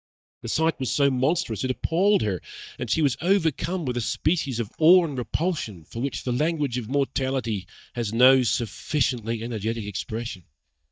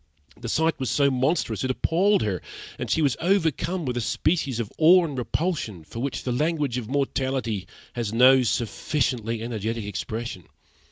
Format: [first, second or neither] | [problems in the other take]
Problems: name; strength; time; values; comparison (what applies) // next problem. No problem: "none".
second | noise reduction (neural mask model DeepFilterNet 3)